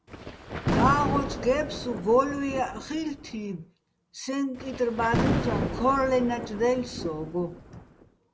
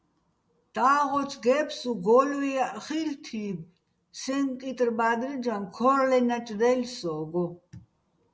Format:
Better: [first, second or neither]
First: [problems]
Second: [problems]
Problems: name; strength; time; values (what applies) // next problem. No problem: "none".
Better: second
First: background sound (Thunder); 3 dB below the speech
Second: none